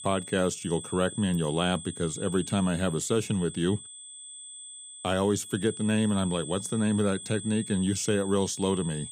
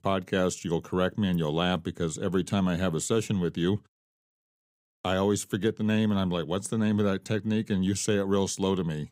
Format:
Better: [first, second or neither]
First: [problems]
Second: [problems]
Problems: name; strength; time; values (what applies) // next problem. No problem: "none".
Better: second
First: high-pitched whine; noticeable; throughout; 8 kHz, 10 dB below the speech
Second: none